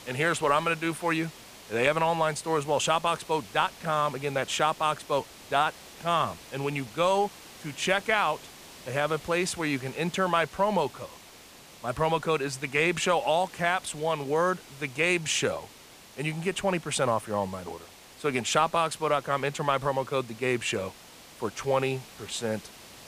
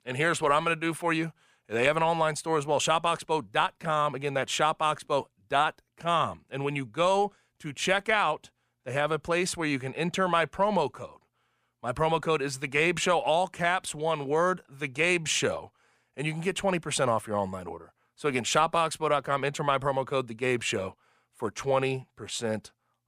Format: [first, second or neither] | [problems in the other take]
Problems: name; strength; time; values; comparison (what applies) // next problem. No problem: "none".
second | hiss; noticeable; throughout; 20 dB below the speech